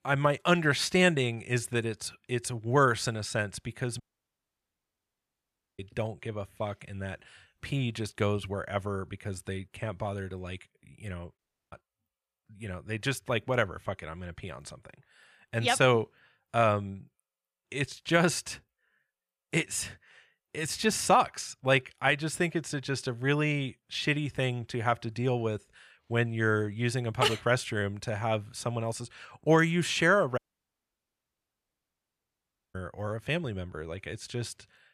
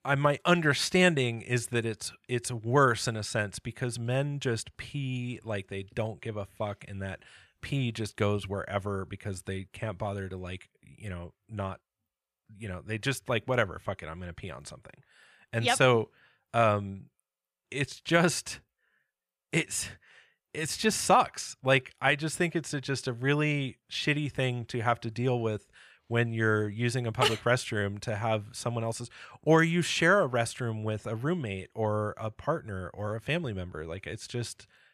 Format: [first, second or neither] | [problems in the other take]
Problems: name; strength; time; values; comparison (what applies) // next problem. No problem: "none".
second | audio cutting out; at 4 s for 2 s, at 11 s and at 30 s for 2.5 s